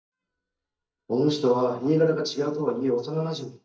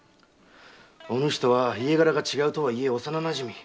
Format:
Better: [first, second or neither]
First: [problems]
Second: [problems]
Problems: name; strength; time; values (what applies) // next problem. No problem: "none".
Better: second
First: noise reduction (neural mask model DeepFilterNet 3)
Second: none